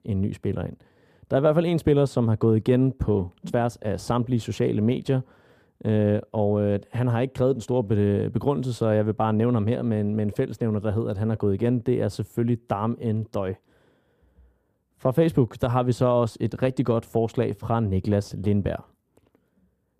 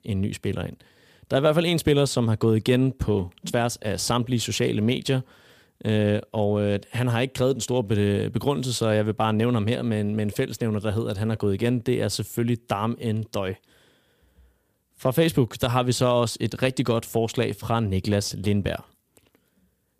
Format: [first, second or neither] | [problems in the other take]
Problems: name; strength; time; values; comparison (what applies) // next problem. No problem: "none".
second | muffled; slightly; fading above 2 kHz